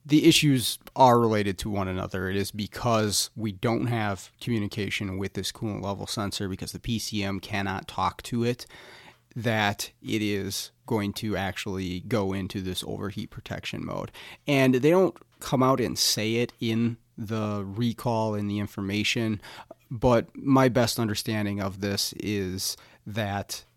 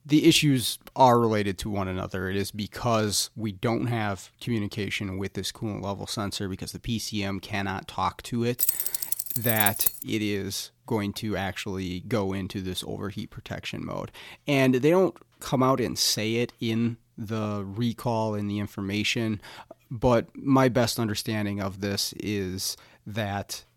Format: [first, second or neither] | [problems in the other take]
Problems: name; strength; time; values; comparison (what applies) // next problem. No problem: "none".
first | jangling keys; loud; from 8.5 to 10 s; peak 5 dB above the speech